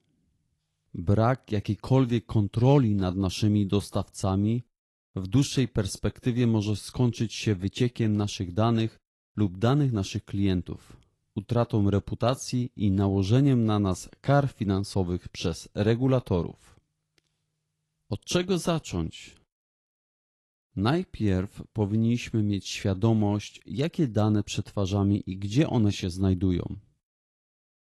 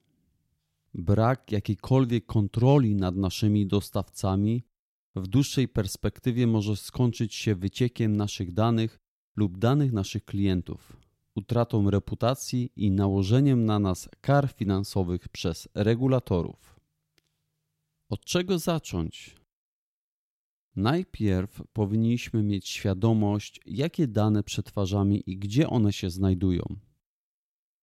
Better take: second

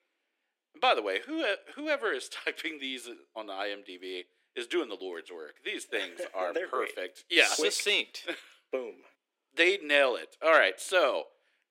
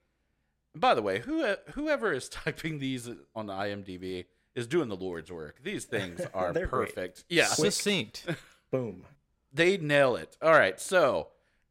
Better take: second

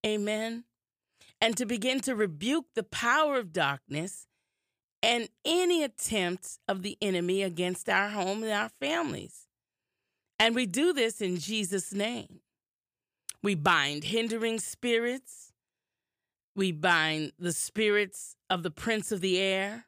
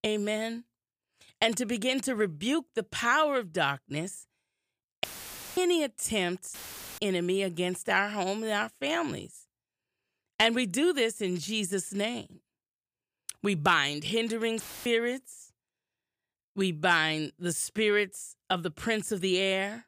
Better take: first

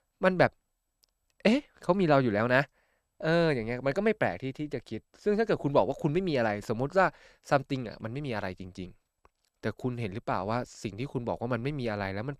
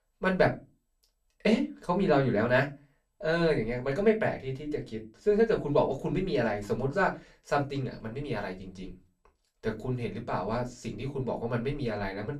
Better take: first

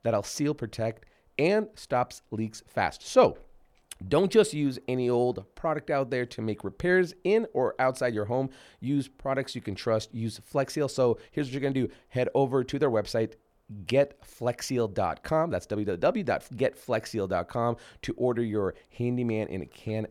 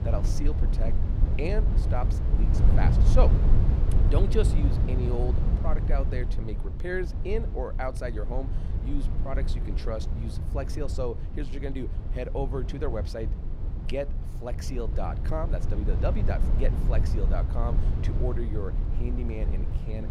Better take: first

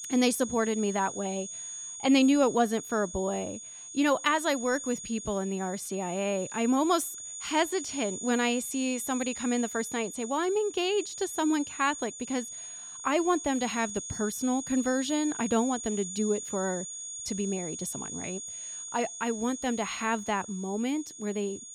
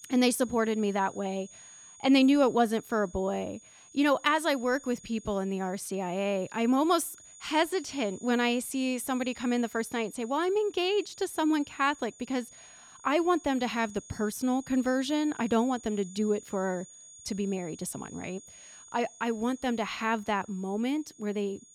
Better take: second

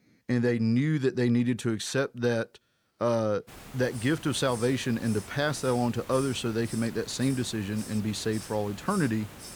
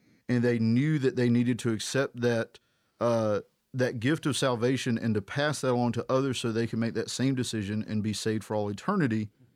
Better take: second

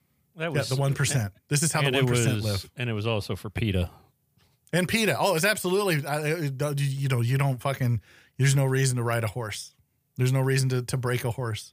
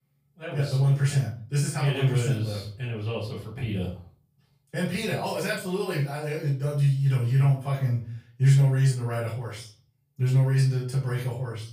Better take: first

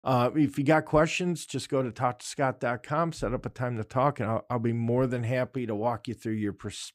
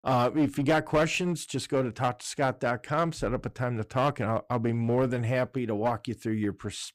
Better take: first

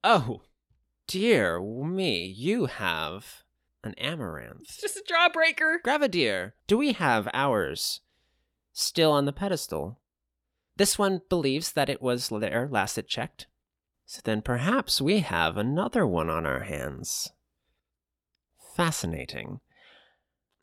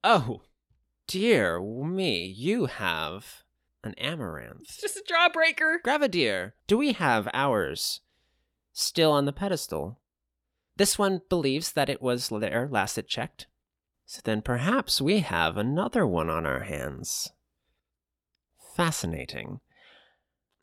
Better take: neither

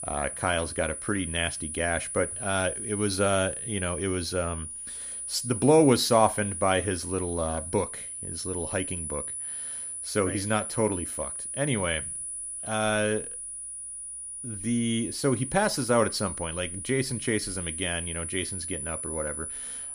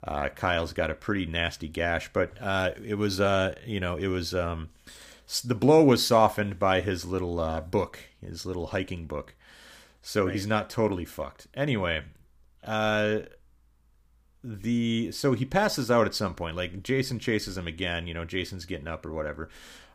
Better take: second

